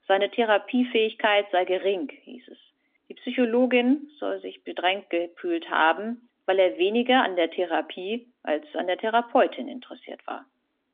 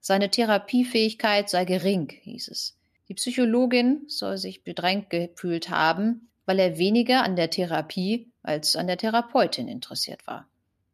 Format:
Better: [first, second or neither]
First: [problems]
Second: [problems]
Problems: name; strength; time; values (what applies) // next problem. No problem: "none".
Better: second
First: phone-call audio; nothing above 3.5 kHz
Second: none